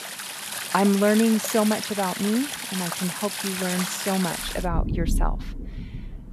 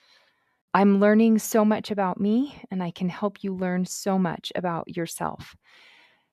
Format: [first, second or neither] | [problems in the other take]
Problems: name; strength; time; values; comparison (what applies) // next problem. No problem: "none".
second | rain or running water; loud; throughout; 4 dB below the speech